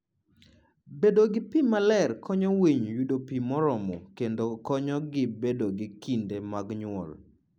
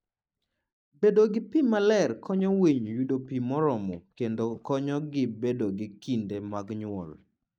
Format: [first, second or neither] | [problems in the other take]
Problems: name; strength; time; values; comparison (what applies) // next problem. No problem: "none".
first | noise reduction (neural mask model DeepFilterNet 3)